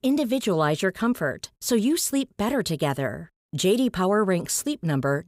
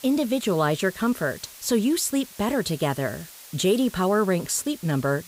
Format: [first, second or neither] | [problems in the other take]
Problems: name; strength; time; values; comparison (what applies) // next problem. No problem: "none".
first | hiss; noticeable; throughout; 20 dB below the speech